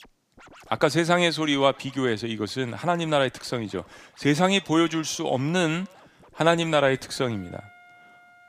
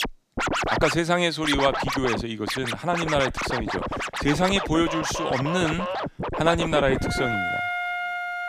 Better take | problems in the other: first | background music; loud; throughout; 3 dB below the speech; faint in the first

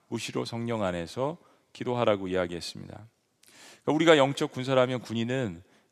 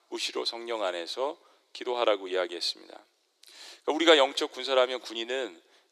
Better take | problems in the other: first | thin; somewhat; fading below 350 Hz

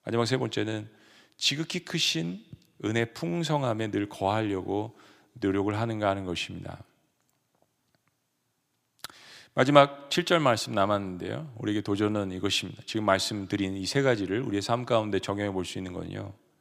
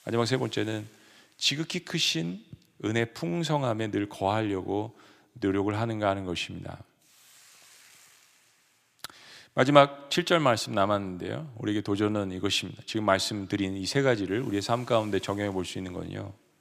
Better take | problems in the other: first | hiss; faint; throughout; 30 dB below the speech

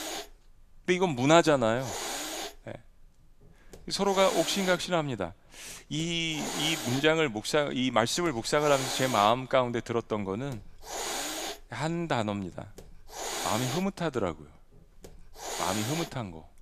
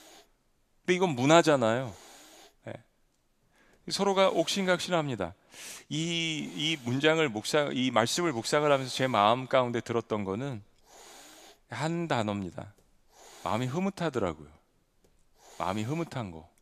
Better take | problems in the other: second | hiss; loud; throughout; 7 dB below the speech; faint in the second

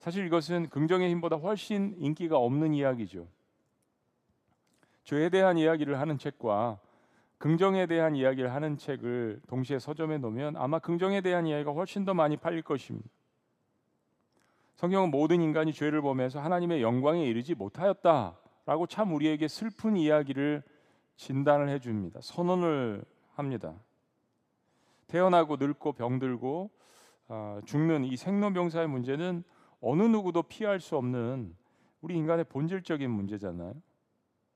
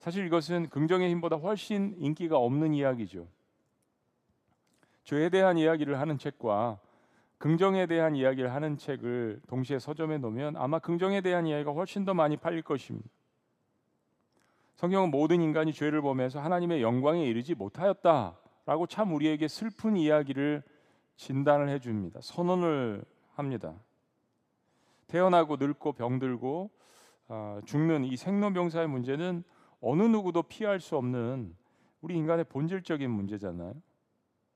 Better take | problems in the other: neither | muffled; slightly; fading above 2 kHz; the same in both

